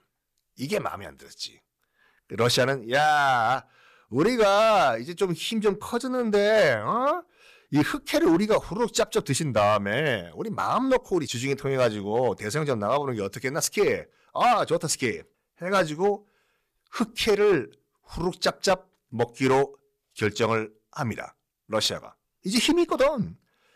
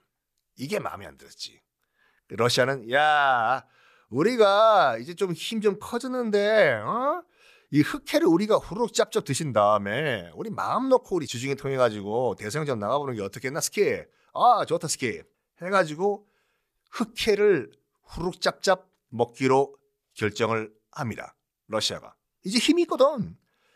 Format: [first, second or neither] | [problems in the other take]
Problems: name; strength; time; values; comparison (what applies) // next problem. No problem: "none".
second | distortion; slight; 6% of the sound clipped